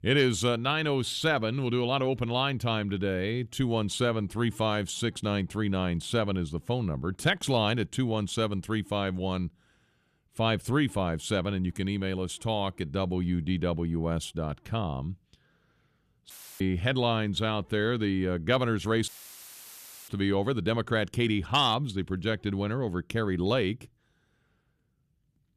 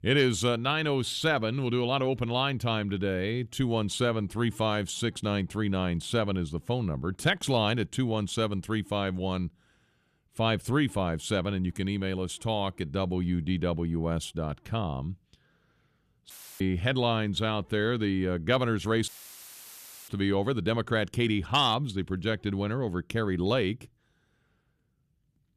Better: neither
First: audio cutting out; filled with static; at 16 s and at 19 s for 1 s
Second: audio cutting out; filled with static; at 16 s and at 19 s for 1 s

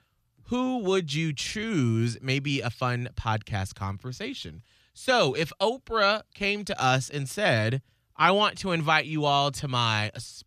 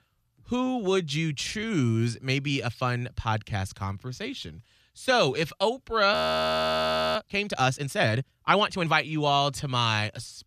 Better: first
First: none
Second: audio freezing; at 6 s for 1 s

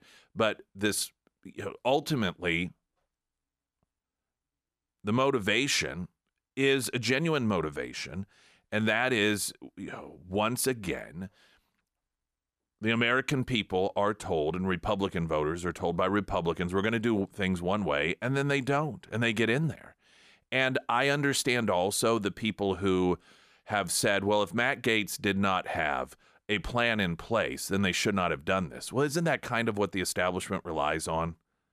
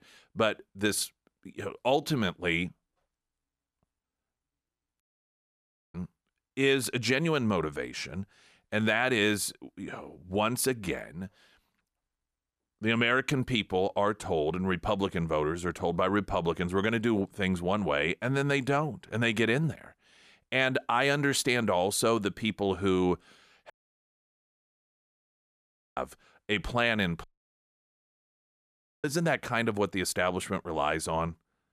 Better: first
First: none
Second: audio cutting out; at 5 s for 1 s, at 24 s for 2.5 s and at 27 s for 2 s

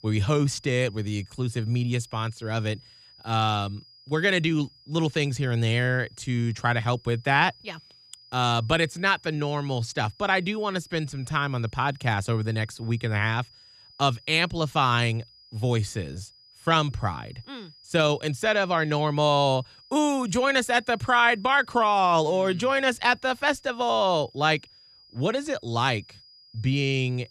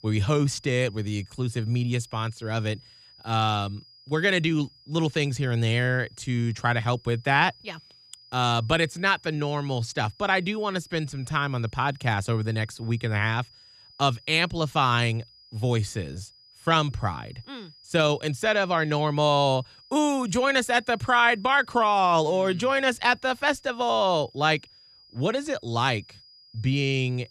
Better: neither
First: high-pitched whine; faint; throughout; 5 kHz, 25 dB below the speech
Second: high-pitched whine; faint; throughout; 5 kHz, 25 dB below the speech

